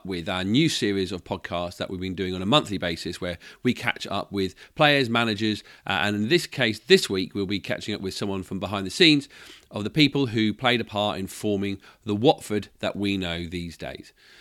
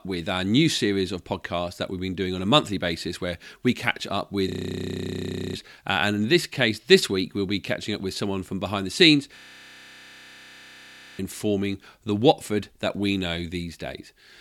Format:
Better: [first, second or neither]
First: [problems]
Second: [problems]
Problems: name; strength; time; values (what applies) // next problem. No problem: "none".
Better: first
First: none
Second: audio freezing; at 4.5 s for 1 s and at 9.5 s for 2 s